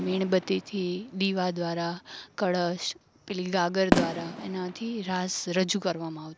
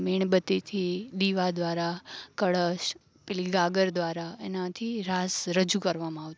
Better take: second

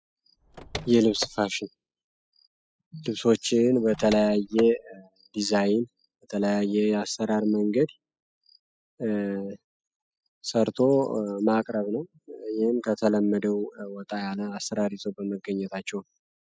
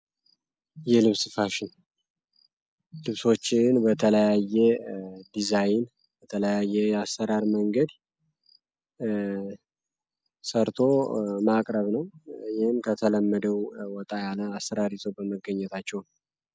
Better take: second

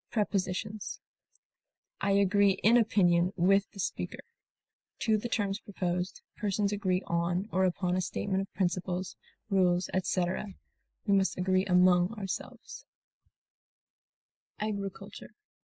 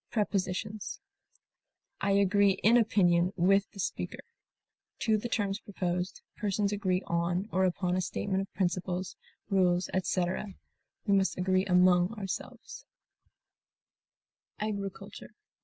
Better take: second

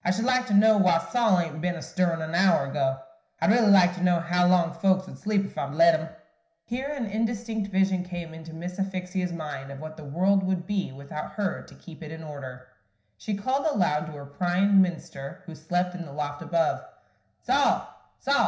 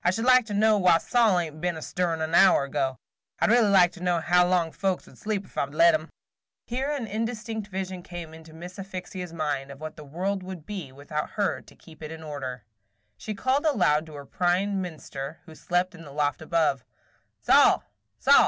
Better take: second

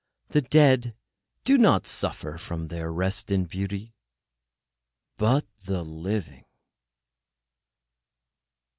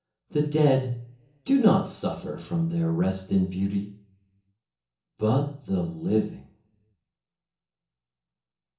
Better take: first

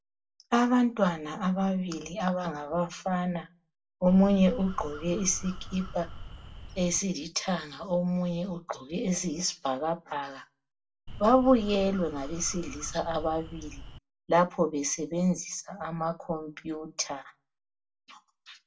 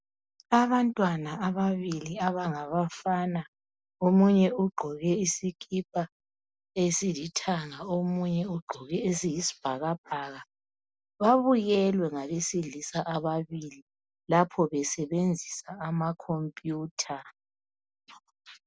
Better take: second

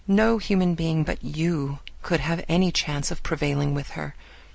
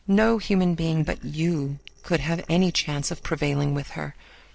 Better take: first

